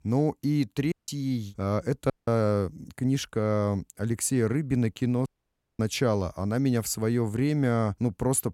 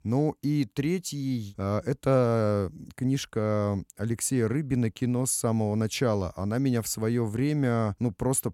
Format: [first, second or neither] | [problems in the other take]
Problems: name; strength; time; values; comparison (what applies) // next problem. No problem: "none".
second | audio cutting out; at 1 s, at 2 s and at 5.5 s for 0.5 s